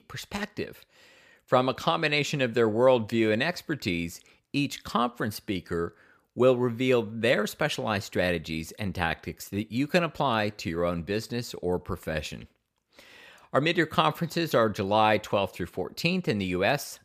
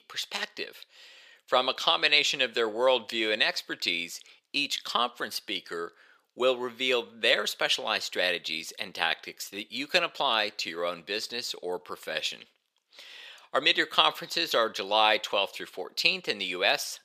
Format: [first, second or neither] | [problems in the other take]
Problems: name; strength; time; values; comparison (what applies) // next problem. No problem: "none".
first | thin; somewhat; fading below 450 Hz